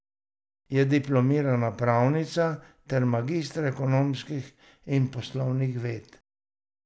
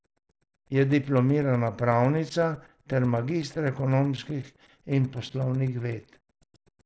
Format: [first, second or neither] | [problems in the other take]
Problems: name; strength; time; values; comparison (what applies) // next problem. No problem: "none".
first | noise reduction (neural separator model SepFormer DNS4)